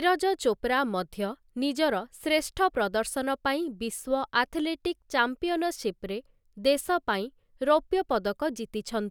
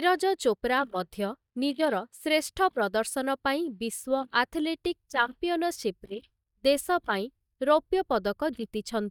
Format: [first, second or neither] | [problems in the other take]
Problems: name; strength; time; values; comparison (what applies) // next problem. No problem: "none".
first | noise reduction (neural mask model DeepFilterNet 3)